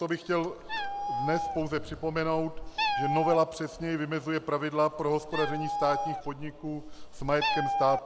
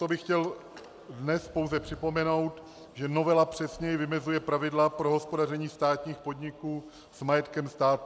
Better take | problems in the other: second | background sound (Meow); 2 dB below the speech

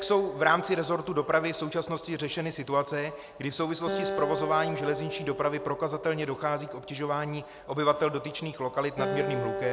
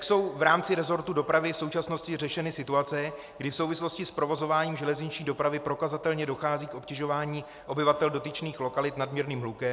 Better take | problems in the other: second | background sound (Acoustic guitar); 8 dB below the speech

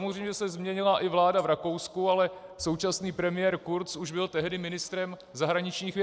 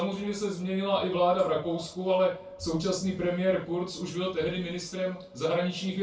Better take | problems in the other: first | room echo; dies away in 0.2 s

